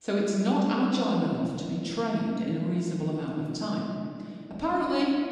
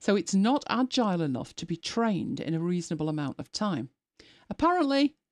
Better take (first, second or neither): second